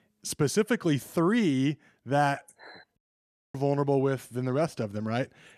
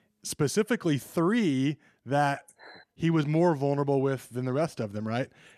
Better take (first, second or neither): second